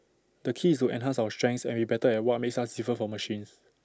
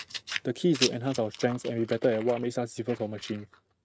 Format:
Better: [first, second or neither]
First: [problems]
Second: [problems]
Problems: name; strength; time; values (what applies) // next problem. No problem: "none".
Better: first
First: none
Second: noise reduction (neural mask model RNNoise)